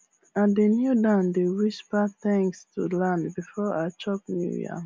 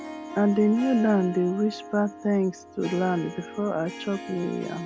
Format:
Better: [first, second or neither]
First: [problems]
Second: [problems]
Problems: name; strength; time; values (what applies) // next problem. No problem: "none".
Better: first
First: none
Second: background sound (Harp); 13 dB below the speech